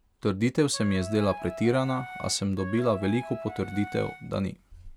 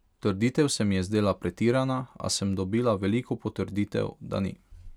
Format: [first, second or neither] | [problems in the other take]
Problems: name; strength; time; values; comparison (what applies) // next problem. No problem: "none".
second | background sound (Wind instrument, woodwind instrument); 13 dB below the speech